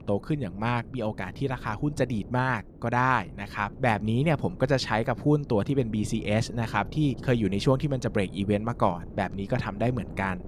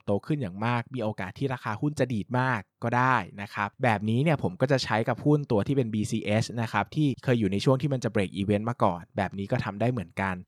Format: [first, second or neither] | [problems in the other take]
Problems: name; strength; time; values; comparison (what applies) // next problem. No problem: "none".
second | wind noise on the microphone; occasional gusts; 20 dB below the speech